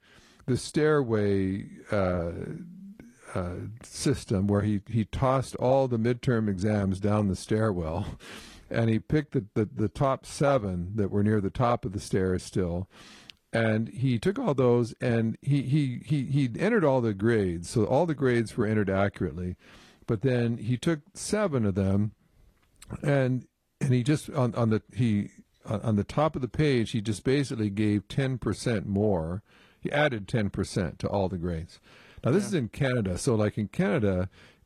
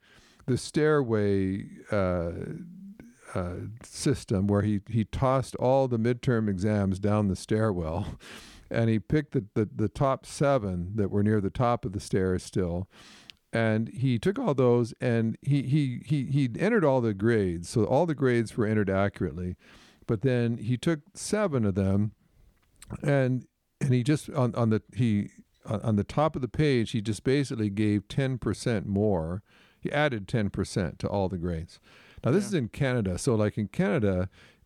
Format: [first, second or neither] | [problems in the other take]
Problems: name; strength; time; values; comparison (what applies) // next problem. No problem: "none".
second | garbled, watery; slightly